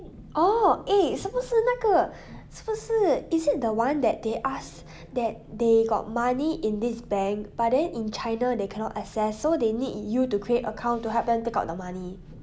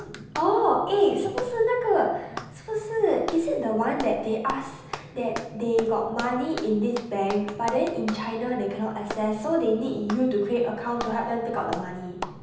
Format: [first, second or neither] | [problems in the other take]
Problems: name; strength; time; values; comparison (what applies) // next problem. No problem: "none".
first | background sound (Clapping); 14 dB below the speech // room echo; dies away in 0.9 s